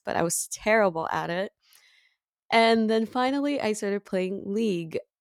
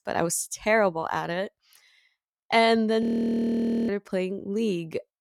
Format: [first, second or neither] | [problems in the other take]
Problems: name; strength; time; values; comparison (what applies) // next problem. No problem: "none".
first | audio freezing; at 3 s for 1 s